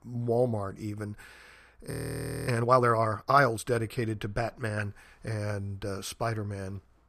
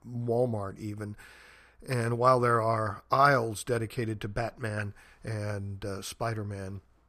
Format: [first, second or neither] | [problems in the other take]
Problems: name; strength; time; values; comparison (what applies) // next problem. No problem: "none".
second | audio freezing; at 2 s for 0.5 s